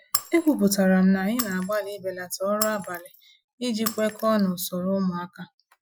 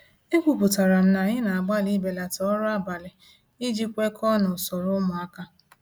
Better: second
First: noise reduction (classical method Wiener filter)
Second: none

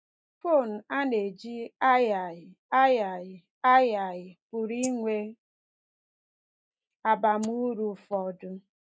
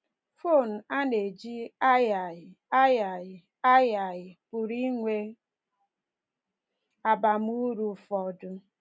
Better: second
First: noise reduction (neural mask model DeepFilterNet 3)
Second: none

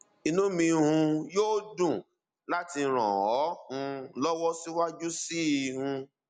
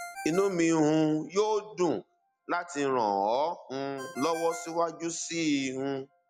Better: first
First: none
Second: background sound (Ringtone); 19 dB below the speech

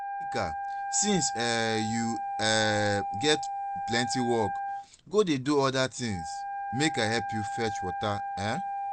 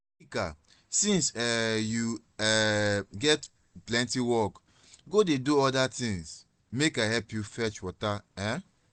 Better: second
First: background sound (Wind instrument, woodwind instrument); 4 dB below the speech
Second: none

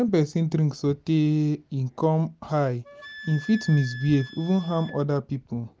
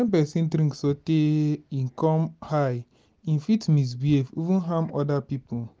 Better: second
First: background sound (Wind instrument, woodwind instrument); 19 dB below the speech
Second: none

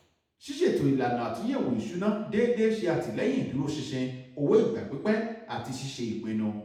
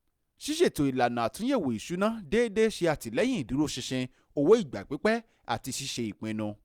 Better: second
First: room echo; dies away in 0.8 s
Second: none

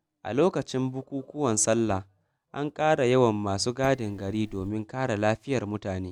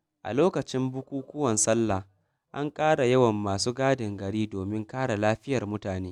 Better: second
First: background sound (Dishes, pots, and pans); 19 dB below the speech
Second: none

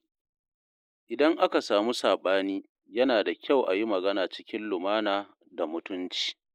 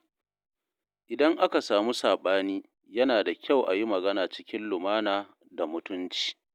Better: second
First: noise reduction (neural mask model Resemble Enhance denoiser)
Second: none

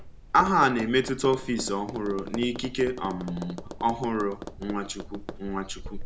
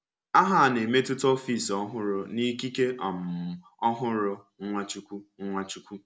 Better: second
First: background sound (Tap); 11 dB below the speech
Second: none

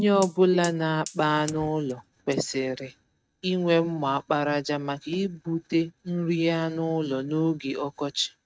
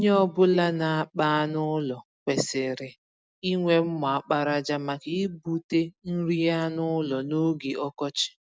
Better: second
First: noise reduction (neural mask model RNNoise)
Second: none

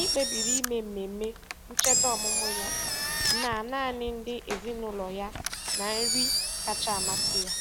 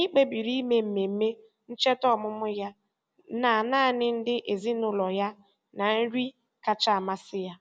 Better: second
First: background sound (Engine); 3 dB above the speech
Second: none

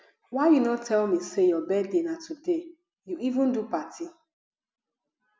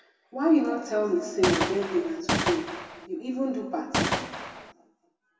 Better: first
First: none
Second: background sound (Gunshot, gunfire); 1 dB below the speech // room echo; dies away in 1.9 s

